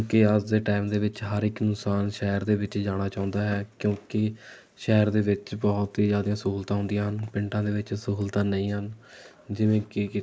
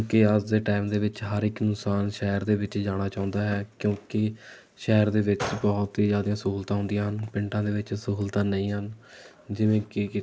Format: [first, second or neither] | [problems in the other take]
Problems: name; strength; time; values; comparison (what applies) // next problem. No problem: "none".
first | background sound (Gunshot, gunfire); 13 dB below the speech